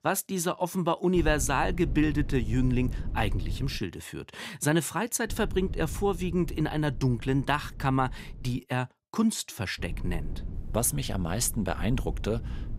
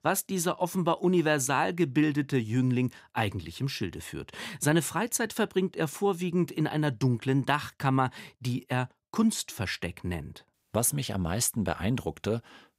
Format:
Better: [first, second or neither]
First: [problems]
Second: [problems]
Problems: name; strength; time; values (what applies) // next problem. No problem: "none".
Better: second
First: low rumble; faint; from 1 to 4 s, from 5.5 to 8.5 s and from 10 s on; 20 dB below the speech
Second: none